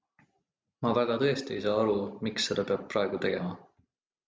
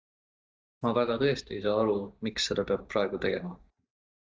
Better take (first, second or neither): first